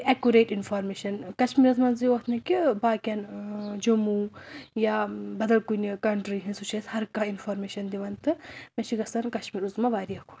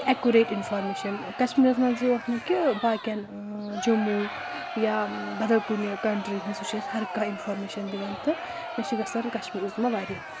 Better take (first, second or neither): first